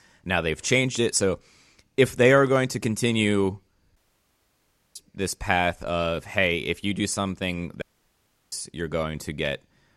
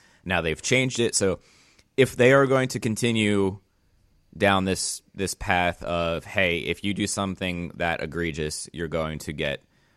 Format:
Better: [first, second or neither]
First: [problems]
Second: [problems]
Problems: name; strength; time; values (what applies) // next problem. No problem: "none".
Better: second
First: audio cutting out; at 4 s for 1 s and at 8 s for 0.5 s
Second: none